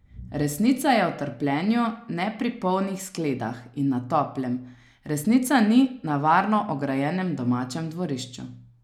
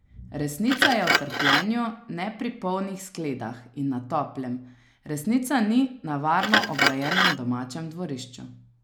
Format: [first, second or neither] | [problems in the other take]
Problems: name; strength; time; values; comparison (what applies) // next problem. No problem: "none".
first | background sound (Glass); 1 dB above the speech